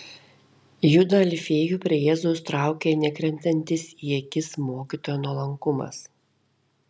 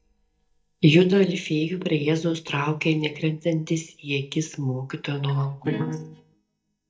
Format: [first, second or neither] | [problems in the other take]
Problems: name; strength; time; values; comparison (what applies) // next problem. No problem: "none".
first | noise reduction (neural mask model DeepFilterNet 3)